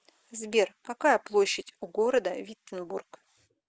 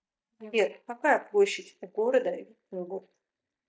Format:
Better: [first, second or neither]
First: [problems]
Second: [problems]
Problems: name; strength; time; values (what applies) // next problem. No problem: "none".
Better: first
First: none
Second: noise reduction (neural mask model DeepFilterNet 3)